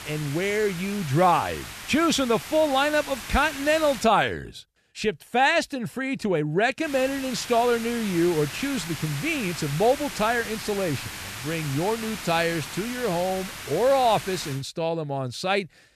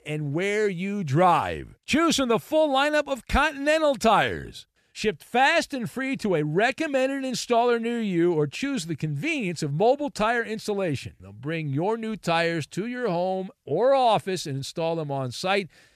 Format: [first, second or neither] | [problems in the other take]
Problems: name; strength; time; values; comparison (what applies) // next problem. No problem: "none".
second | hiss; noticeable; until 4 s and from 7 to 15 s; 10 dB below the speech